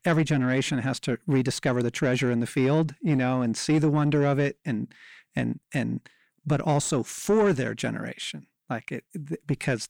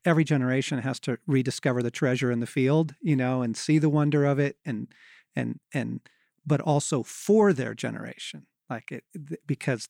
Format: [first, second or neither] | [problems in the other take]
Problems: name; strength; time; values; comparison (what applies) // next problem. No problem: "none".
second | distortion; slight; 10 dB below the speech